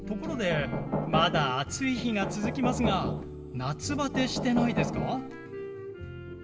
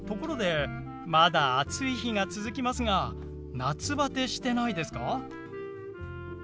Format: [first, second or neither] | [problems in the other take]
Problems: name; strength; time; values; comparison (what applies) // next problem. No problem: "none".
second | background sound (Knock); 2 dB below the speech // room echo; dies away in 1.6 s